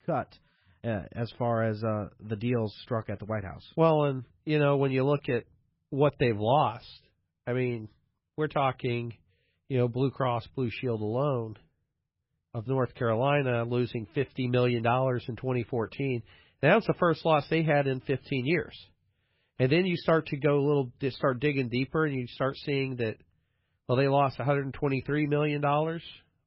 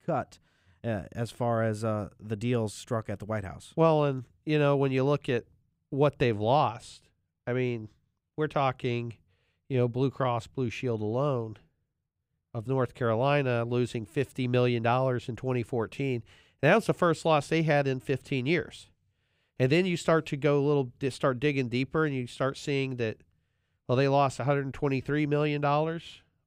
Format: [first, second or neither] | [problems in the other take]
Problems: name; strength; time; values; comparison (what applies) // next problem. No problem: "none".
second | garbled, watery; badly; nothing above 5.5 kHz